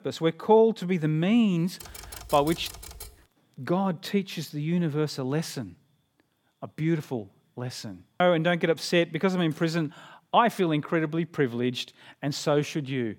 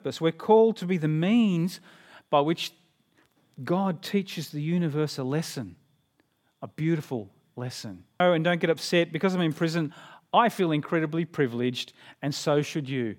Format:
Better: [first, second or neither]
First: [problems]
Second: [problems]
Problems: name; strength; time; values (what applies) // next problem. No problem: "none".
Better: second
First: keyboard typing; faint; from 2 to 3 s; peak 15 dB below the speech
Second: none